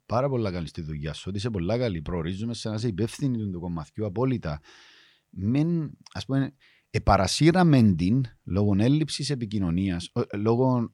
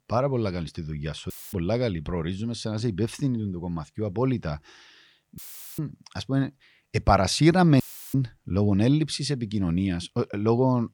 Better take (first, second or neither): first